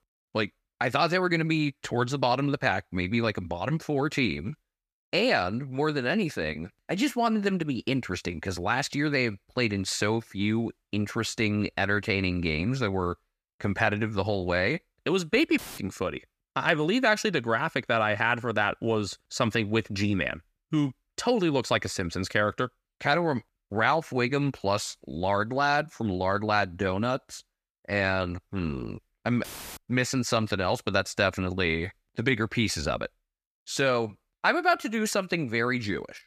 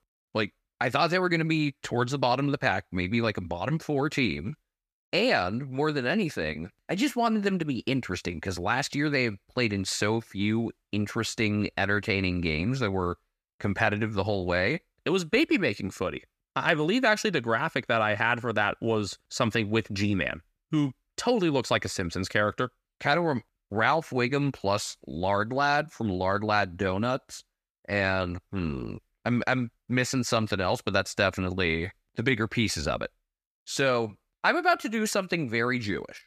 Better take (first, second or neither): second